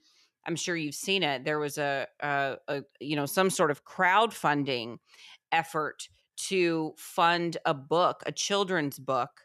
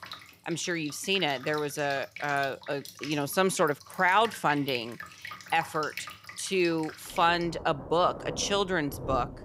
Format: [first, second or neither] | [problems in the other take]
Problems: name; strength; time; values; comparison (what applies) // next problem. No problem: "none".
first | rain or running water; noticeable; throughout; 15 dB below the speech